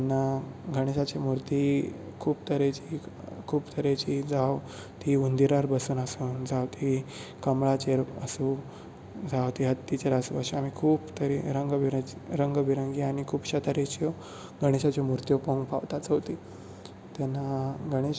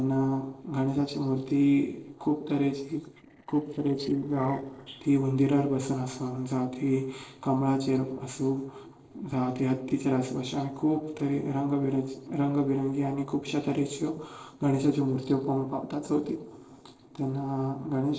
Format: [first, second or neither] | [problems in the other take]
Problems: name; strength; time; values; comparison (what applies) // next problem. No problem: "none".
first | noise reduction (neural separator model SepFormer DNS4)